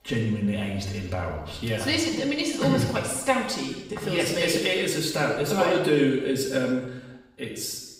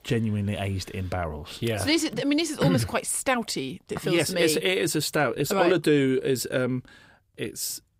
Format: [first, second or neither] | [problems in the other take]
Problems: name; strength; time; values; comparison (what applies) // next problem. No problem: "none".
second | room echo; noticeable; dies away in 0.9 s // off-mic speech; far